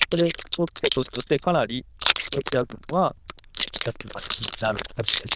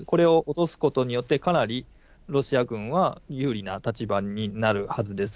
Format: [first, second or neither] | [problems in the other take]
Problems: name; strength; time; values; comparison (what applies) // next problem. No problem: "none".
second | noise reduction (neural diffusion model UNIVERSE++)